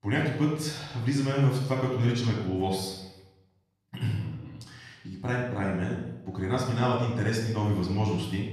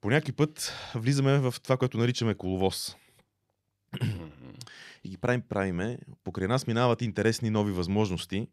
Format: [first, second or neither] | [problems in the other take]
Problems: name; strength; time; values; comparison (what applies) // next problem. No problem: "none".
second | off-mic speech; far // room echo; noticeable; dies away in 0.8 s